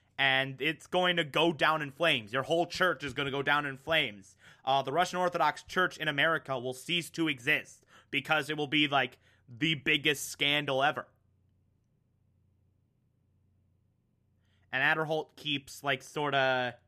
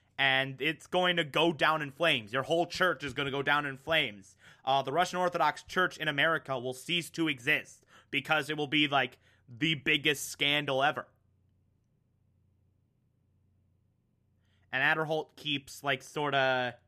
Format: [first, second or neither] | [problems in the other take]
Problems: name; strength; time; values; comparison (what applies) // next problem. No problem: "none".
neither | none